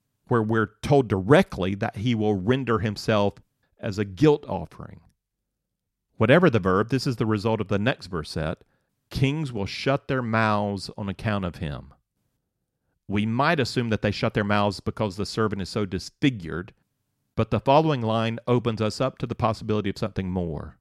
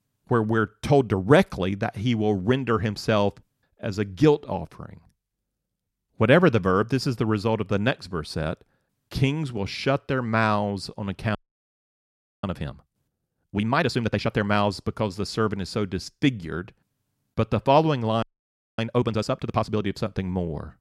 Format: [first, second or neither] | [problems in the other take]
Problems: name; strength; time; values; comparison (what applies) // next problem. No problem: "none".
first | audio freezing; at 11 s for 1 s and at 18 s for 0.5 s